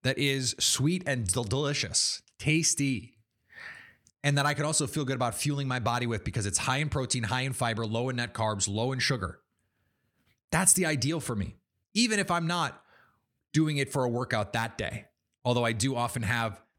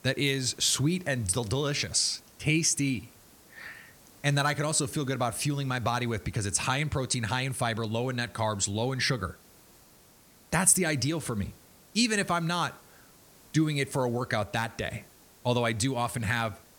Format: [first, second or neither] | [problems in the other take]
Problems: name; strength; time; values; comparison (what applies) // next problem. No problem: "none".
first | hiss; faint; throughout; 25 dB below the speech